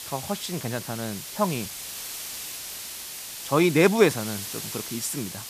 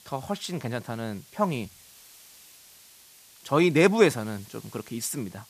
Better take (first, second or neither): second